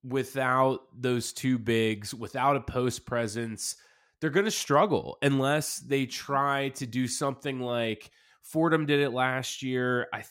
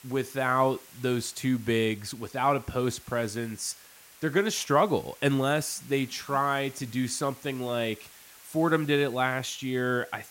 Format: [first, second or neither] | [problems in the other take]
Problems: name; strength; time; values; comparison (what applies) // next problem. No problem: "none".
first | hiss; faint; throughout; 20 dB below the speech